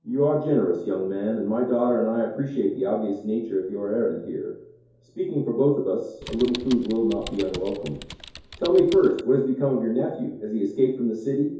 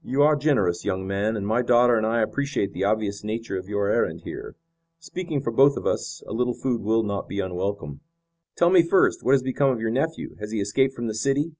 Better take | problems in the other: second | background sound (Typing); 15 dB below the speech // room echo; dies away in 2.4 s

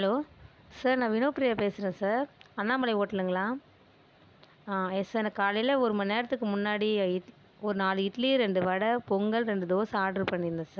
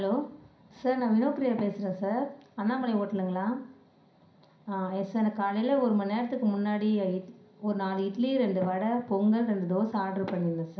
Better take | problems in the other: first | room echo; dies away in 0.5 s

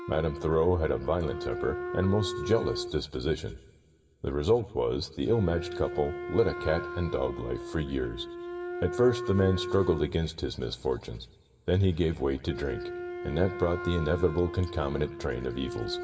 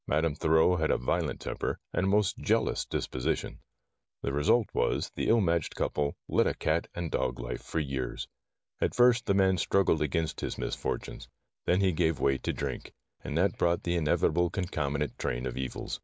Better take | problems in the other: second | background sound (Wind instrument, woodwind instrument); 9 dB below the speech // room echo; dies away in 2.7 s

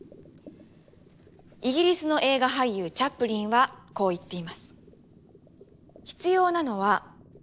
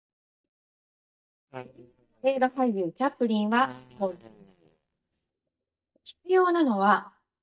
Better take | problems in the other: first | noise reduction (neural mask model DeepFilterNet 3)

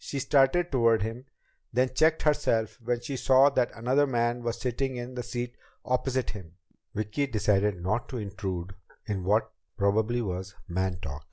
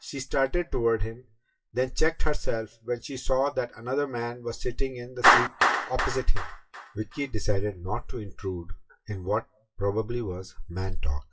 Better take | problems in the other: first | noise reduction (classical method WPE with log-MMSE)

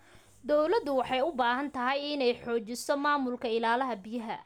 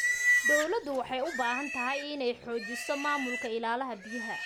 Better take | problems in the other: first | background sound (Livestock, farm animals, working animals); as loud as the speech

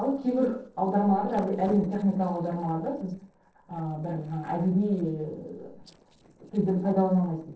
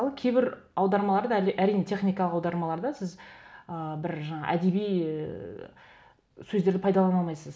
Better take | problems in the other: second | noise reduction (neural separator model SepFormer DNS4)

